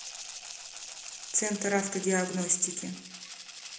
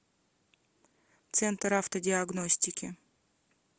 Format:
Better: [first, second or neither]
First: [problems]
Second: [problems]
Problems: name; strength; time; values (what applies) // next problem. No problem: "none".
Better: second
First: background sound (Rattle (instrument)); 11 dB below the speech // room echo; dies away in 0.8 s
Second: none